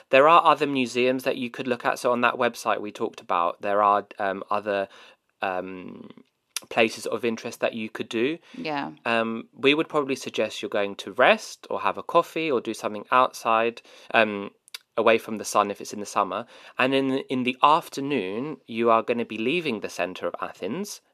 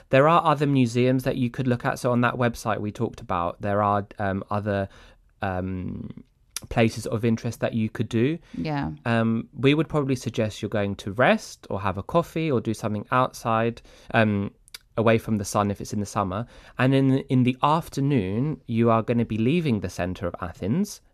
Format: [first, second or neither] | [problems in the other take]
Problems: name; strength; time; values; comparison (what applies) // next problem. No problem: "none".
second | thin; somewhat; fading below 400 Hz